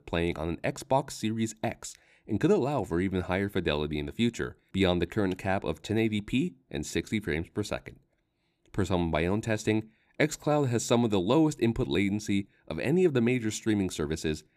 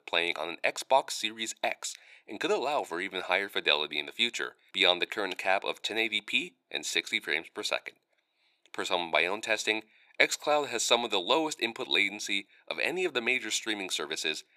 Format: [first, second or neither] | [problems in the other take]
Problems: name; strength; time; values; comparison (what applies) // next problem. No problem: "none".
first | thin; very; fading below 700 Hz